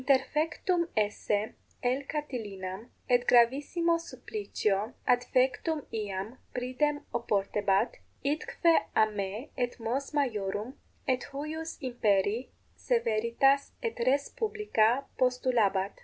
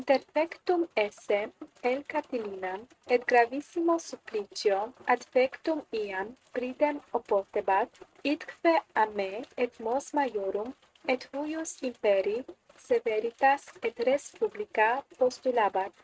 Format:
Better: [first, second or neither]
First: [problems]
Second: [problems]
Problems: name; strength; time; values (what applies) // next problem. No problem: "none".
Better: first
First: none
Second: noise reduction (neural mask model RNNoise)